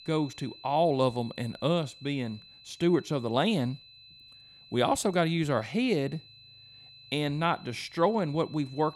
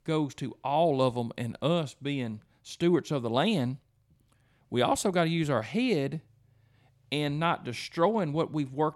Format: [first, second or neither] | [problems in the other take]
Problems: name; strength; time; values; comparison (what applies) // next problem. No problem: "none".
second | high-pitched whine; faint; throughout; 4 kHz, 20 dB below the speech